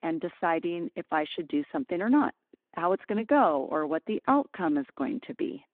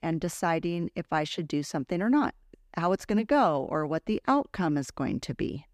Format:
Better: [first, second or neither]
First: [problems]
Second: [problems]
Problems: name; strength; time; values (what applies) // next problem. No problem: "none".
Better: second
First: phone-call audio; nothing above 3.5 kHz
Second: none